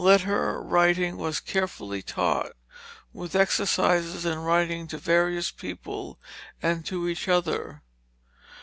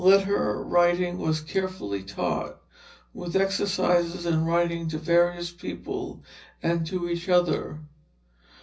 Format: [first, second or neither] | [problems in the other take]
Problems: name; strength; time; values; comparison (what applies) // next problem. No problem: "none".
first | room echo; dies away in 0.4 s